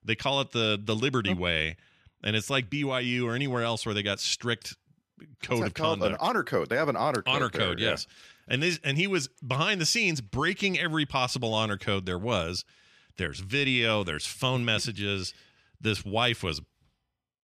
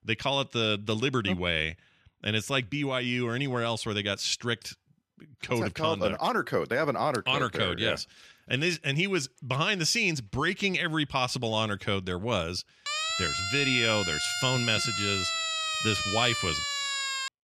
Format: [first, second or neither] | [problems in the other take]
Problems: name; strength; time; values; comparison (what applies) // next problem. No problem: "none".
first | siren; loud; from 13 s on; peak level with the speech